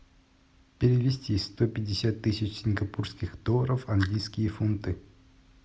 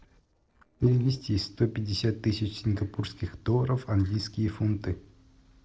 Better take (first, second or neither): first